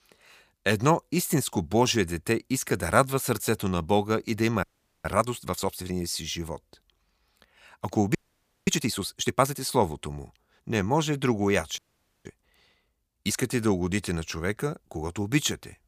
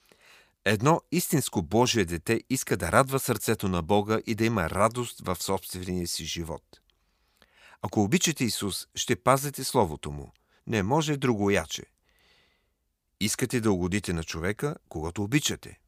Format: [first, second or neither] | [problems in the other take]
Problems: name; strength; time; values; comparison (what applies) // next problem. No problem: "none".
second | audio freezing; at 4.5 s, at 8 s for 0.5 s and at 12 s